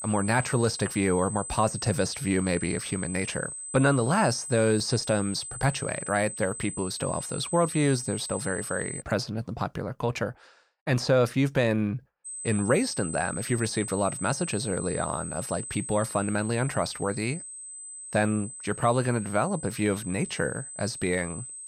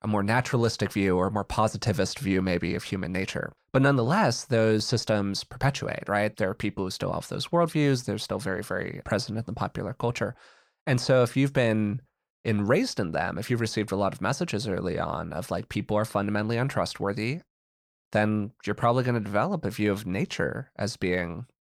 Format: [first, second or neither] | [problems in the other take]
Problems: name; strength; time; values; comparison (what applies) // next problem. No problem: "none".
second | high-pitched whine; loud; until 9 s and from 12 s on; 8 kHz, 8 dB below the speech